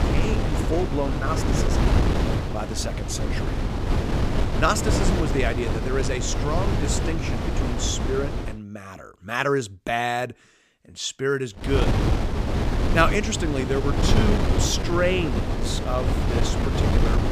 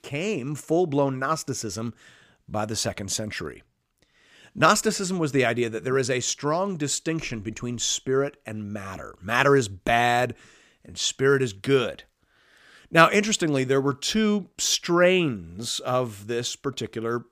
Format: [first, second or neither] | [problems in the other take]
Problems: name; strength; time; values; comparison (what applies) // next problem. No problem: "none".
second | wind noise on the microphone; heavy; until 8.5 s and from 12 s on; 3 dB below the speech